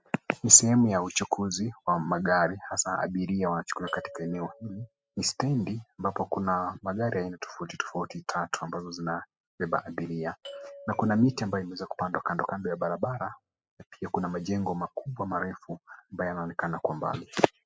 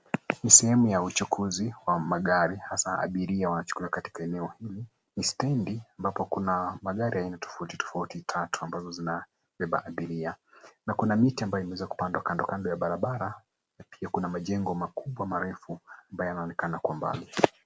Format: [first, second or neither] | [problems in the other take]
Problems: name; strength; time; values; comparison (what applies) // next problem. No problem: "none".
second | noise reduction (classical method spectral subtraction)